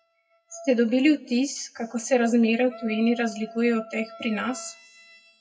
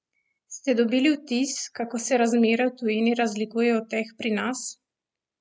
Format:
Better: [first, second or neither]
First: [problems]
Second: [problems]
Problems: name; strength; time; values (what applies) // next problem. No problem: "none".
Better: second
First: noise reduction (classical method WPE with log-MMSE)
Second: none